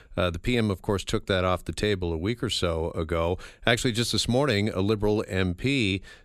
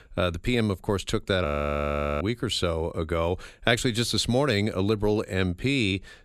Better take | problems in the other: first | audio freezing; at 1.5 s for 1 s

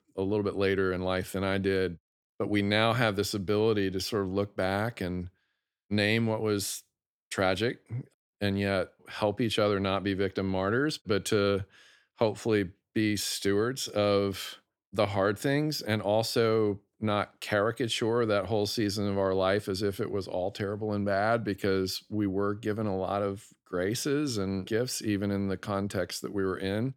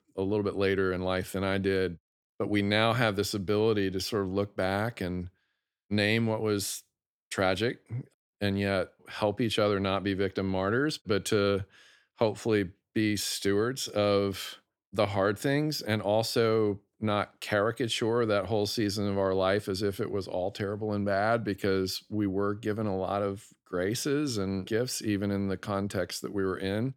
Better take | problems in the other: neither | none

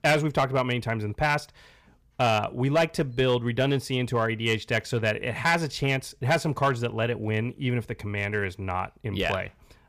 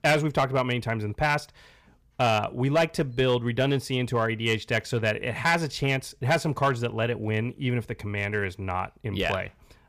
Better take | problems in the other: neither | distortion; slight; 3% of the sound clipped; the same in both

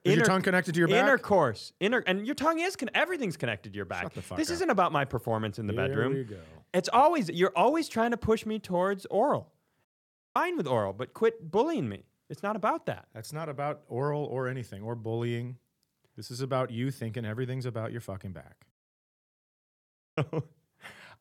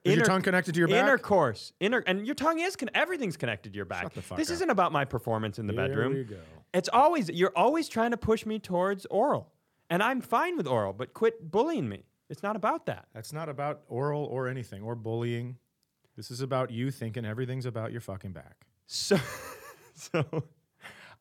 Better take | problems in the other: second | audio cutting out; at 10 s for 0.5 s and at 19 s for 1.5 s

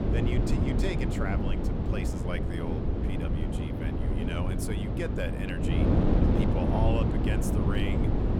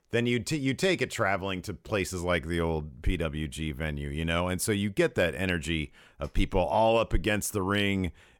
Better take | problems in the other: second | wind noise on the microphone; heavy; 2 dB above the speech

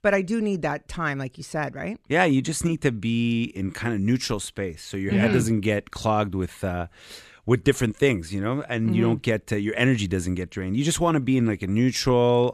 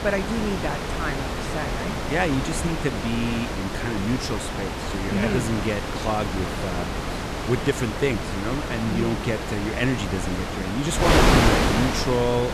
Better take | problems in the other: first | wind noise on the microphone; heavy; 2 dB above the speech

